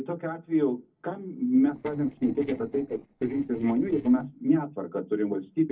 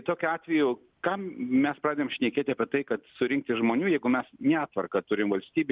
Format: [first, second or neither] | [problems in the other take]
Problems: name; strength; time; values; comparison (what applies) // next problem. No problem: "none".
second | noise reduction (neural separator model SepFormer DNS4)